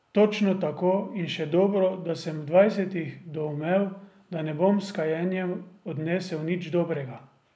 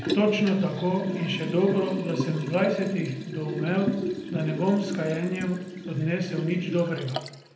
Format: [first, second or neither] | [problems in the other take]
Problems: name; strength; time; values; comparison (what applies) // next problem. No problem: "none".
first | background sound (Liquid); 7 dB below the speech // room echo; dies away in 0.7 s